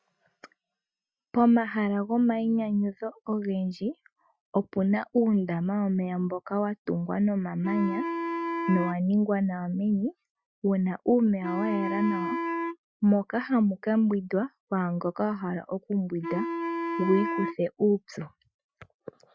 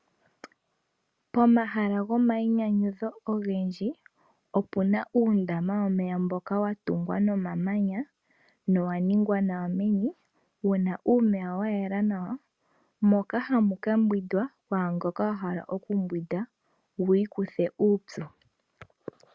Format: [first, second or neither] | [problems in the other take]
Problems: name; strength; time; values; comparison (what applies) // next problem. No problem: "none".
second | noise reduction (classical method Wiener filter)